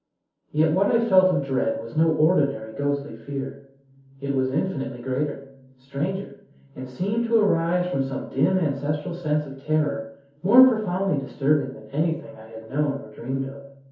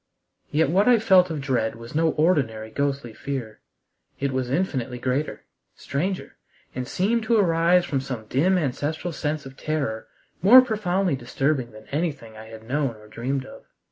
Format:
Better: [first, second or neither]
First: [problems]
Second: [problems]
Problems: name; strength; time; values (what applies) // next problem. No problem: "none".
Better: second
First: room echo; dies away in 0.6 s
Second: none